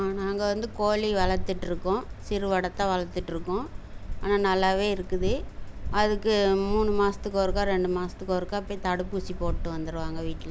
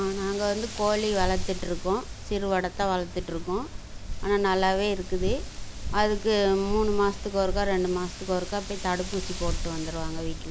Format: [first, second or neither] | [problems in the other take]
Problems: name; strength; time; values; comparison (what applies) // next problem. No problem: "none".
first | background sound (Wind); 17 dB below the speech